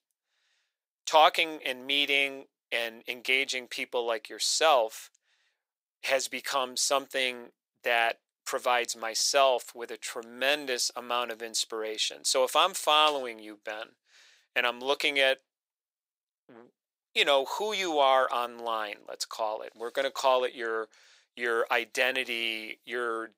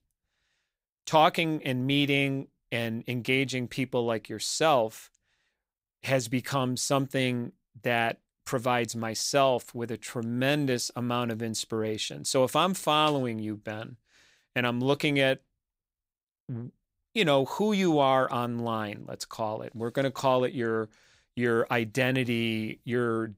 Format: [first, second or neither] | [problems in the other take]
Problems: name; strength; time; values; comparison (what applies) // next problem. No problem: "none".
second | thin; very; fading below 500 Hz